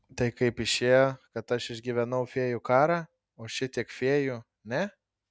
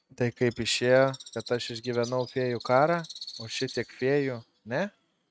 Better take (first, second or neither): first